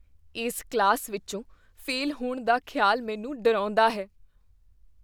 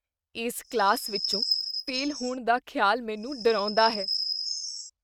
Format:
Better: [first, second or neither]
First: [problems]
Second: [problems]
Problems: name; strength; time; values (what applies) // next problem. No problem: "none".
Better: first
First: none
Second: noise reduction (neural mask model RNNoise)